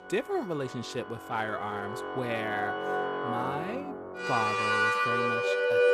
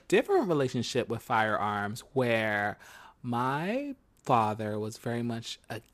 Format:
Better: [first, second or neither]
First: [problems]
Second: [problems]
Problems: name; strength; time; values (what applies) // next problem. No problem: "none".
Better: second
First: background music; very loud; throughout; 5 dB above the speech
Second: none